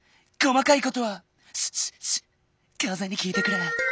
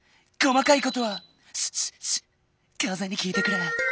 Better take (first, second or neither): first